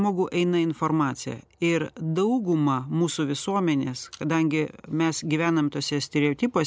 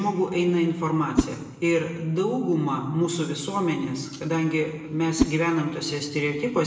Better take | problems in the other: first | background sound (Whoosh, swoosh, swish); 7 dB below the speech // room echo; dies away in 1 s

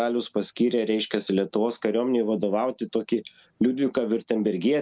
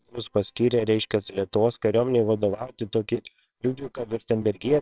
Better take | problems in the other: first | noise reduction (neural separator model SepFormer WHAMR!)

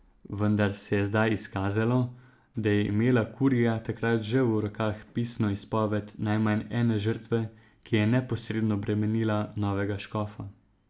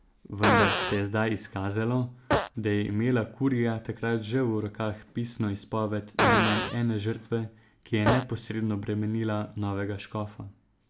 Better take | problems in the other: first | background sound (Fart); 4 dB below the speech

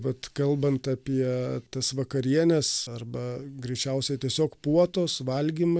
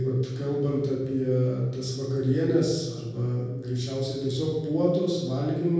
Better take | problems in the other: first | room echo; dies away in 1.3 s

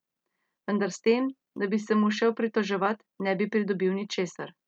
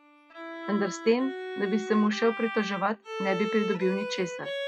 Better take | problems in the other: first | noise reduction (classical method log-MMSE)

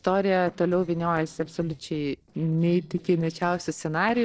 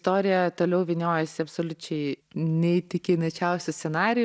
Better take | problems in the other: second | noise reduction (neural separator model SepFormer DNS4)

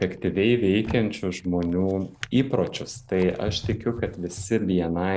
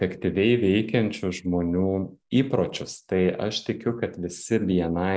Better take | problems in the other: second | background sound (Drawer open or close); 14 dB below the speech

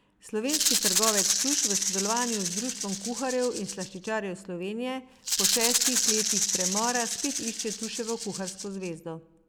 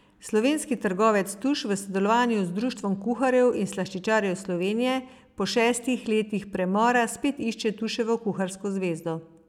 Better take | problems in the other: second | background sound (Rattle (instrument)); 3 dB above the speech

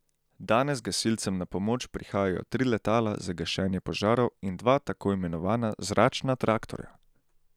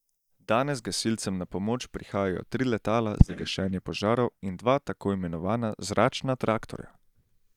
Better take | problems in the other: first | noise reduction (neural mask model DeepFilterNet 3)

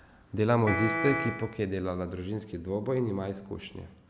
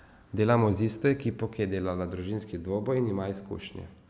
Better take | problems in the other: second | background sound (Piano); 1 dB below the speech

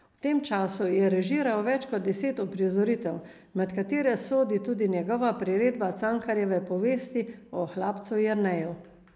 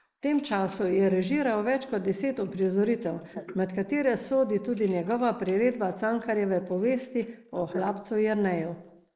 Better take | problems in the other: first | noise reduction (neural mask model Resemble Enhance denoiser)

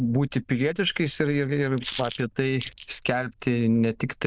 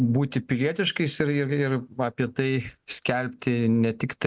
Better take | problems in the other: second | noise reduction (neural diffusion model UNIVERSE++)

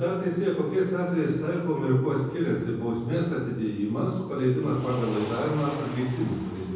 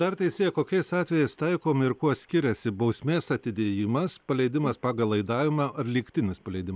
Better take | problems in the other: second | background sound (Motor vehicle (road)); 20 dB below the speech // room echo; dies away in 1.1 s

